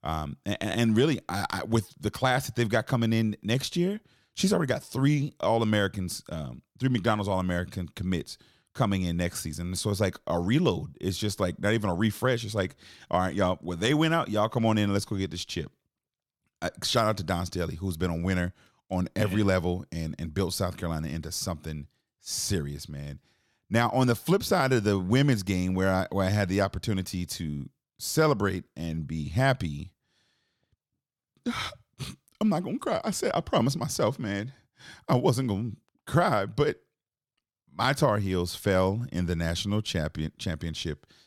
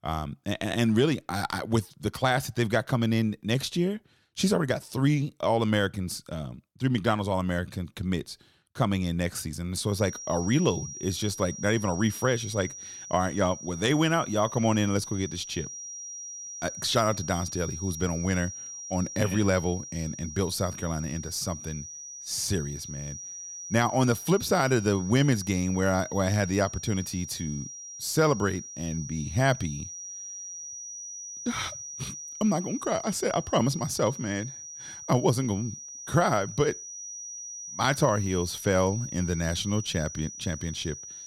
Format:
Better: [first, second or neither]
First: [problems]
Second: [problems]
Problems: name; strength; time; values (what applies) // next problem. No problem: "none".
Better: first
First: none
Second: high-pitched whine; noticeable; from 10 s on; 5.5 kHz, 10 dB below the speech